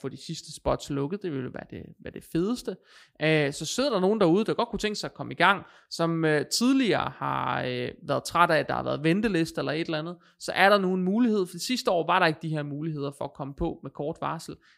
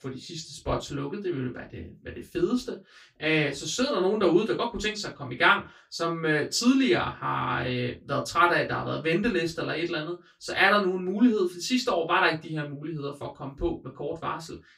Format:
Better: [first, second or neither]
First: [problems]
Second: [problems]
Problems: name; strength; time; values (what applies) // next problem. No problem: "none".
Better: first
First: none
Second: room echo; very slight; dies away in 0.1 s // off-mic speech; far